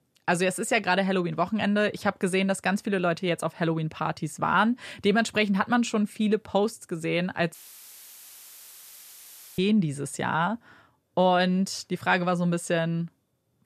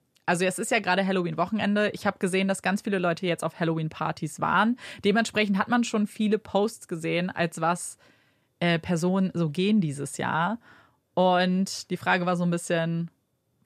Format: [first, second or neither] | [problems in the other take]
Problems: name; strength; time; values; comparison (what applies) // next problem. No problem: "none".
second | audio cutting out; filled with static; at 7.5 s for 2 s